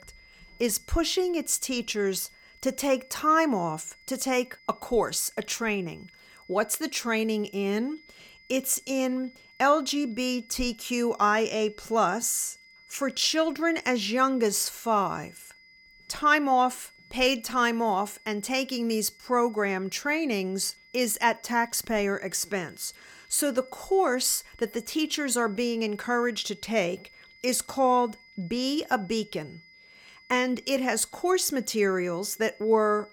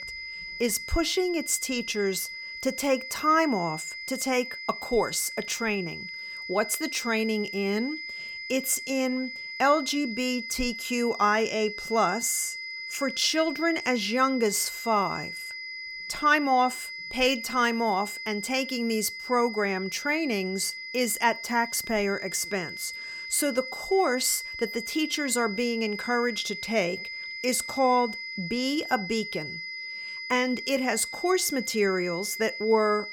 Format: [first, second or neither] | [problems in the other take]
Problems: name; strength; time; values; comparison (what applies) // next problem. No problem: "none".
first | high-pitched whine; loud; throughout; 2 kHz, 8 dB below the speech; faint in the first